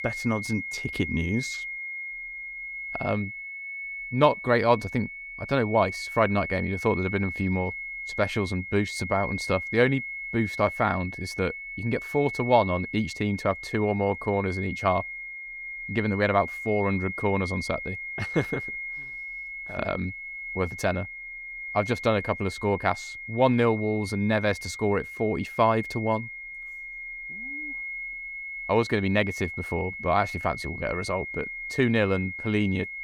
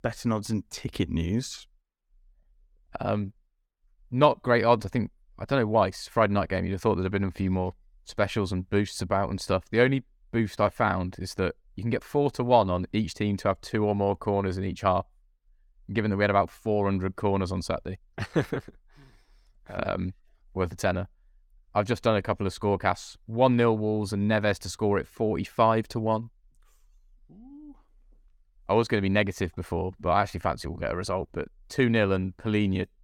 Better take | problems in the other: second | high-pitched whine; loud; throughout; 2 kHz, 7 dB below the speech

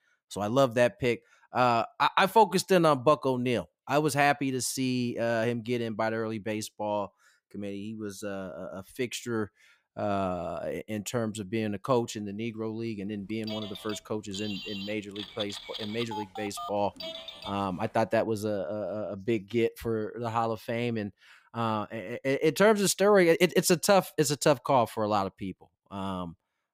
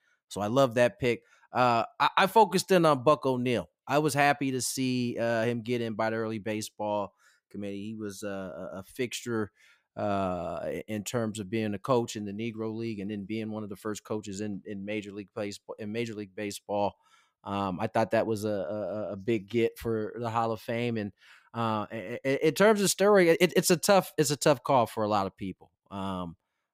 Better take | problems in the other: second | phone ringing; noticeable; from 13 to 18 s; peak 9 dB below the speech

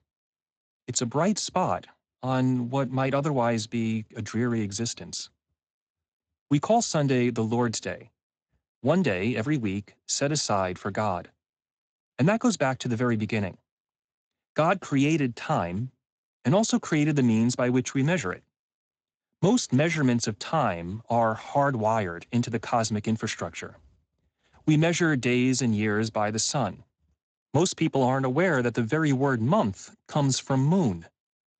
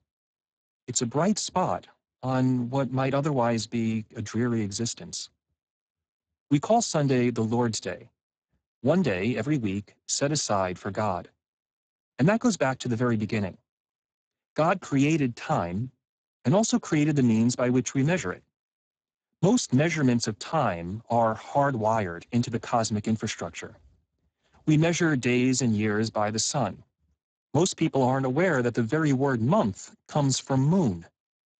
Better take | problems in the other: first | garbled, watery; badly; nothing above 7.5 kHz; slightly in the first

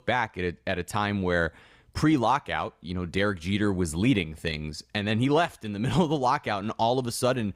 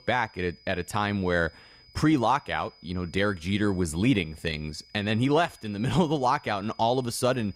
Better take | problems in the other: first | high-pitched whine; faint; throughout; 5 kHz, 25 dB below the speech

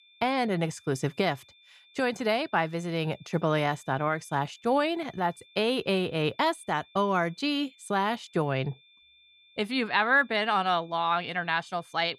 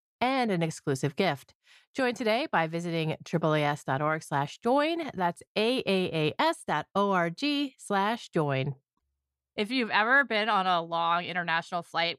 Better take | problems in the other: second | high-pitched whine; faint; throughout; 3.5 kHz, 30 dB below the speech

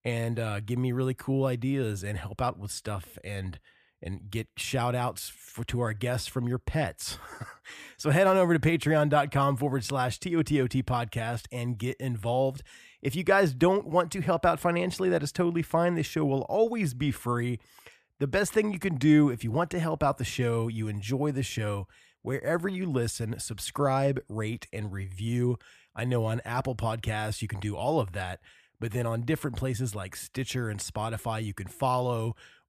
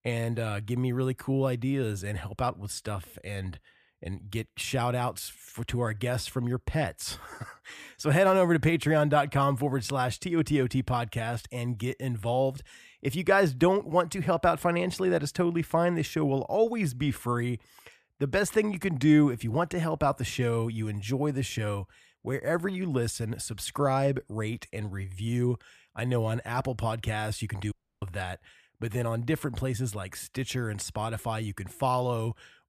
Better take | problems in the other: first | audio cutting out; at 28 s

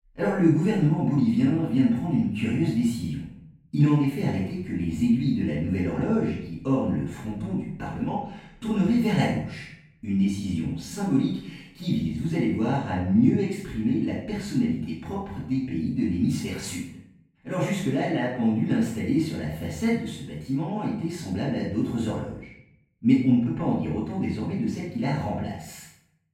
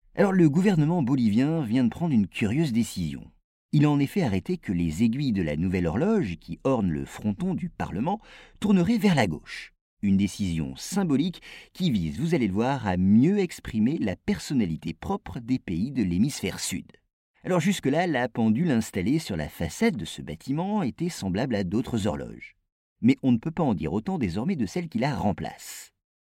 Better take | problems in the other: second | off-mic speech; far // room echo; noticeable; dies away in 0.6 s

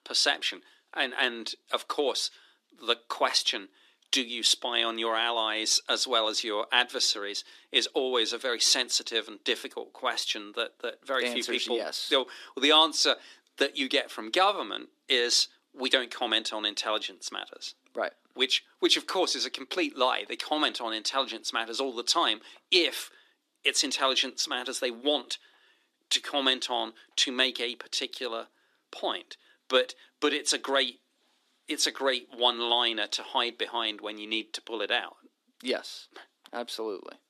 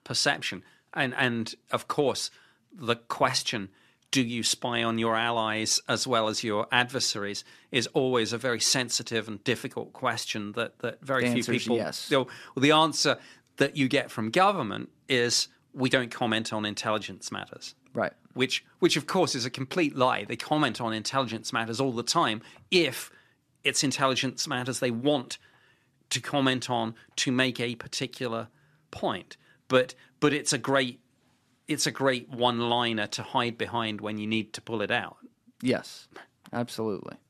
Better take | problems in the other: second | thin; somewhat; fading below 300 Hz

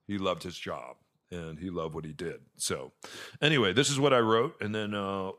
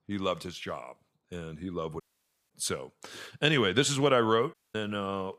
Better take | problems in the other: first | audio cutting out; at 2 s for 0.5 s and at 4.5 s

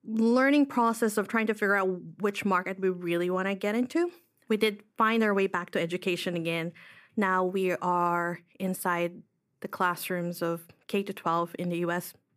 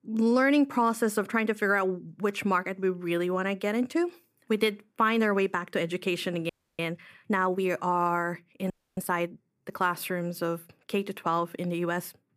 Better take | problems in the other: first | audio freezing; at 6.5 s and at 8.5 s

